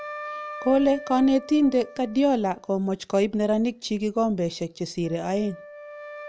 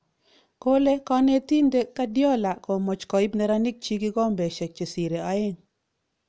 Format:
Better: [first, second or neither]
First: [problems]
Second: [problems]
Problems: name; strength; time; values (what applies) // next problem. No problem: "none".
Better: second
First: background sound (Wind instrument, woodwind instrument); 16 dB below the speech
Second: none